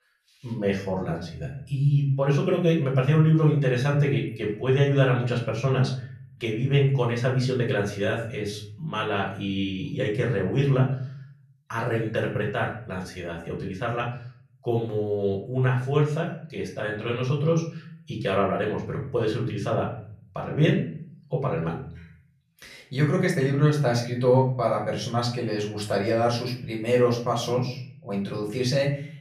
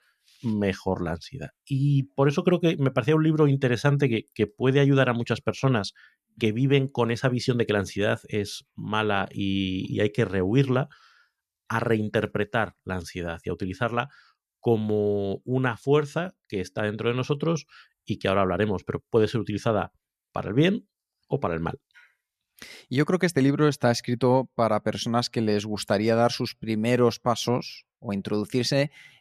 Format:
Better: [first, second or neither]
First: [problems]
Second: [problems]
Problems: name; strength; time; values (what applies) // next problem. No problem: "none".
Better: second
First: room echo; slight; dies away in 0.5 s // off-mic speech; far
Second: none